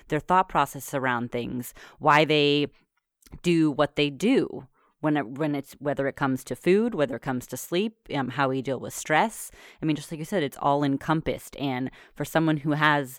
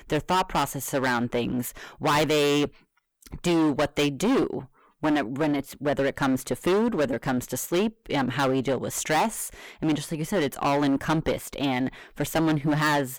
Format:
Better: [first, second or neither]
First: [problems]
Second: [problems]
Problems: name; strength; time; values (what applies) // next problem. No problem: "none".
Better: first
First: none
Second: distortion; heavy; 16% of the sound clipped